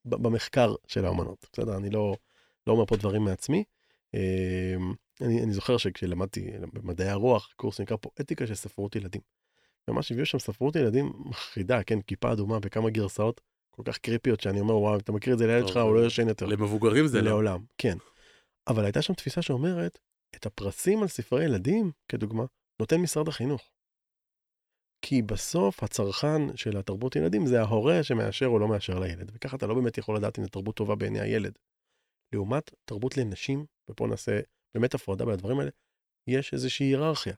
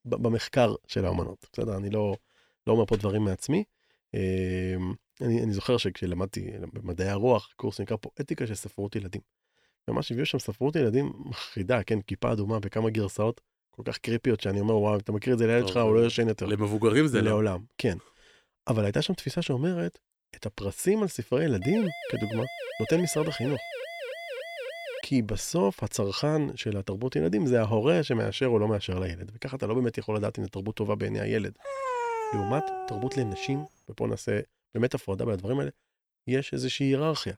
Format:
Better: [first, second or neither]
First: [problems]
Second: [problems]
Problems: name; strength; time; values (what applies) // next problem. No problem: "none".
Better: first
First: none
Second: siren; noticeable; from 22 to 25 s; peak 8 dB below the speech // dog barking; noticeable; from 32 to 34 s; peak 2 dB below the speech